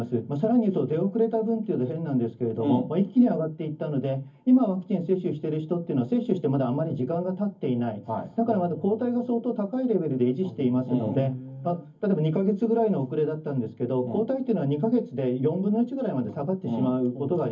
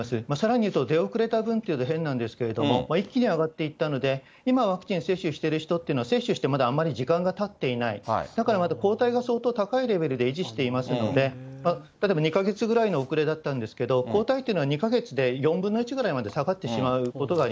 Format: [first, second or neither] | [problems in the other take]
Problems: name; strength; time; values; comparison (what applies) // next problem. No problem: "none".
second | room echo; dies away in 0.3 s